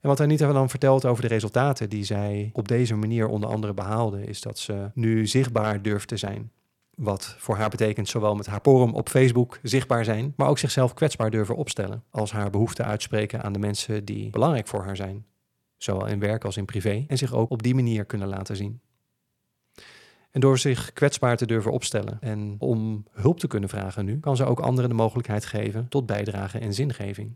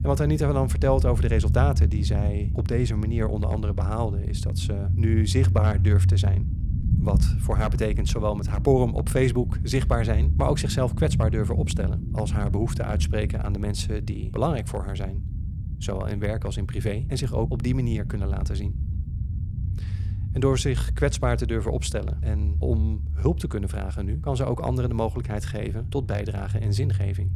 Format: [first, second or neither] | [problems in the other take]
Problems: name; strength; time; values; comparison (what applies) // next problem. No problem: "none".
first | low rumble; noticeable; throughout; 10 dB below the speech